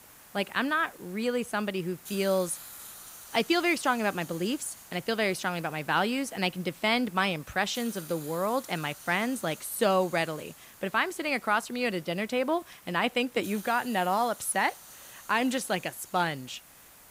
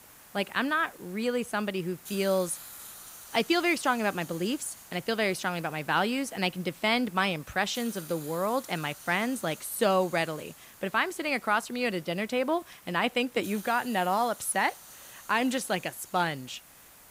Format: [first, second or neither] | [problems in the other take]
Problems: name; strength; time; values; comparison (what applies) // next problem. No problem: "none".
neither | hiss; noticeable; throughout; 15 dB below the speech; the same in both